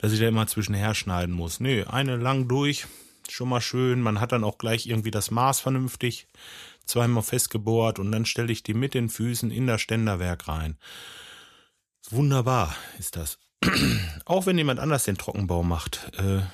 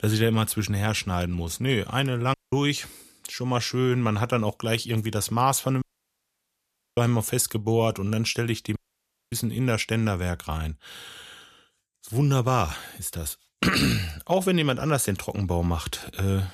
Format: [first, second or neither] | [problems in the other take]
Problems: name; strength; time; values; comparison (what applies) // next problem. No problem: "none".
first | audio cutting out; at 2.5 s, at 6 s for 1 s and at 9 s for 0.5 s